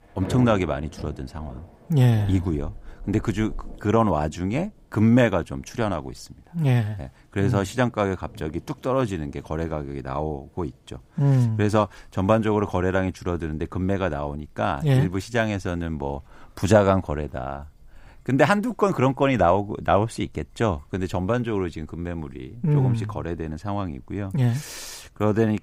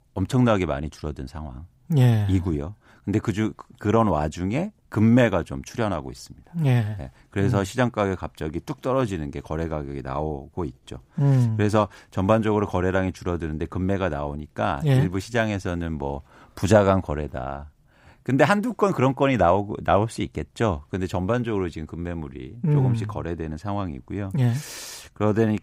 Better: second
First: rain or running water; noticeable; throughout; 20 dB below the speech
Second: none

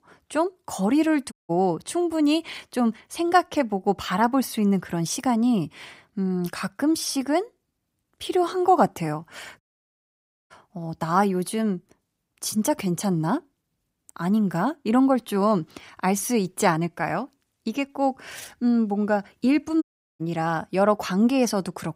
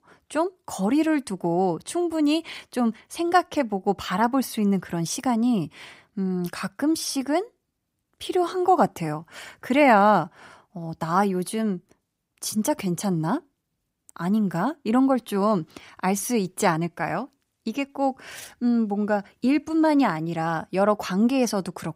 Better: second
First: audio cutting out; at 1.5 s, at 9.5 s for 1 s and at 20 s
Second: none

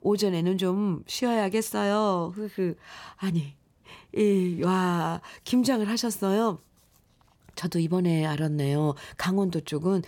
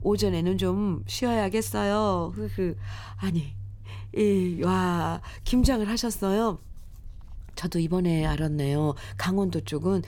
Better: first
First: none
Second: low rumble; faint; throughout; 25 dB below the speech

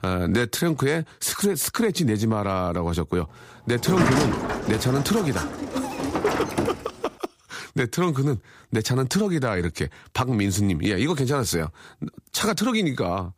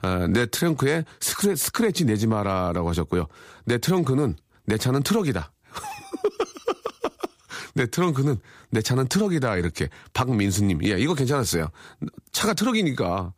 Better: second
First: door banging; loud; from 4 to 7 s; peak 3 dB above the speech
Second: none

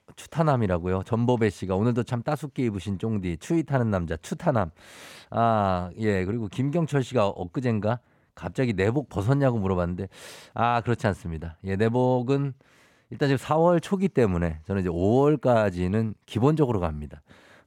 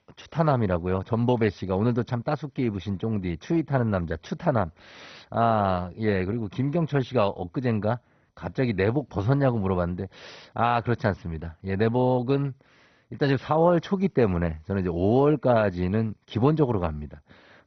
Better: first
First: none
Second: garbled, watery; badly; nothing above 6 kHz

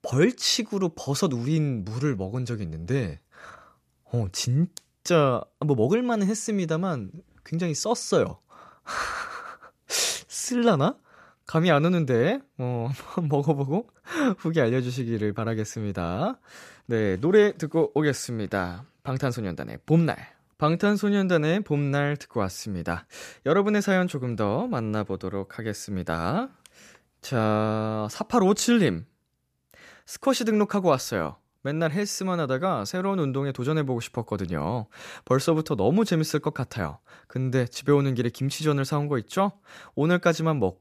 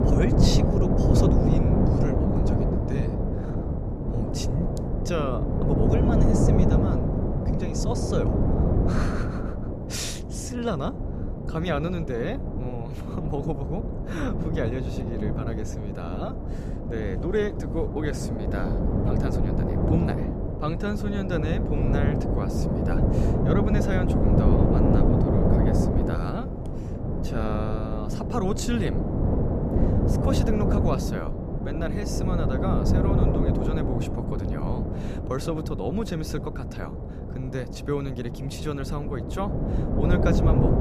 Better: first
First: none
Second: wind noise on the microphone; heavy; 2 dB above the speech

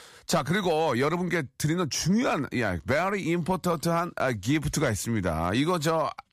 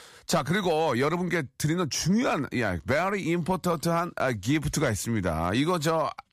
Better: neither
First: none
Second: none

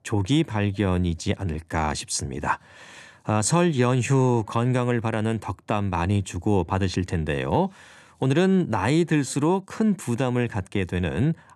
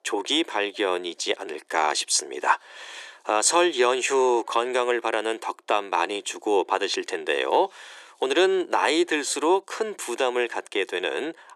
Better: first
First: none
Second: thin; very; fading below 350 Hz

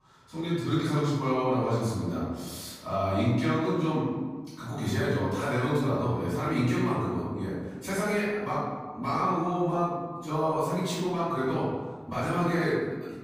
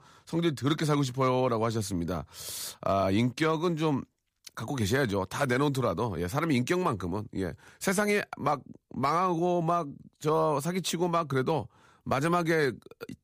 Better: second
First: room echo; strong; dies away in 1.3 s // off-mic speech; far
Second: none

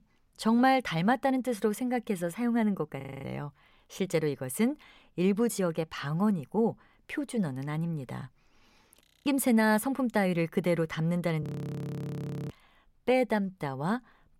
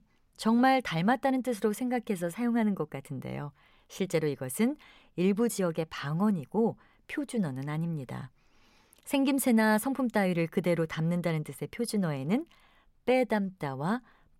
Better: second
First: audio freezing; at 3 s, at 9 s and at 11 s for 1 s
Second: none

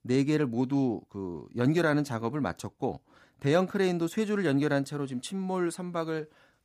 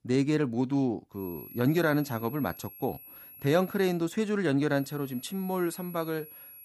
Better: first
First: none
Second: high-pitched whine; noticeable; from 1 to 4 s and from 5 s on; 11.5 kHz, 15 dB below the speech

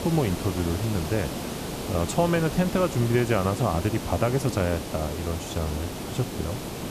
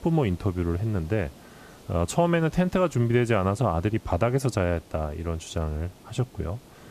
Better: second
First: hiss; loud; throughout; 6 dB below the speech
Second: hiss; faint; throughout; 25 dB below the speech

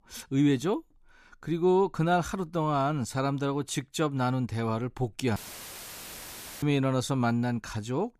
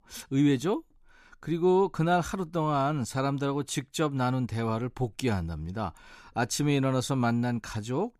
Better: second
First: audio cutting out; filled with static; at 5.5 s for 1.5 s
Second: none

